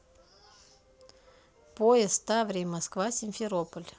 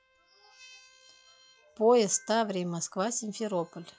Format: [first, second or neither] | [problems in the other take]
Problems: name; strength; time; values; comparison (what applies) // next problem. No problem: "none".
first | noise reduction (classical method log-MMSE)